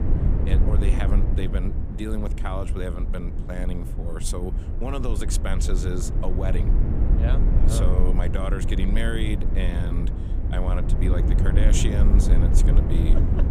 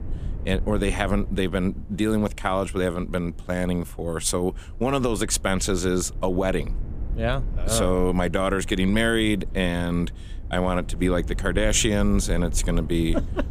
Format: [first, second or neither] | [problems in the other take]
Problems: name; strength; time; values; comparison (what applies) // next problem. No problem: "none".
second | low rumble; loud; throughout; 3 dB below the speech; faint in the second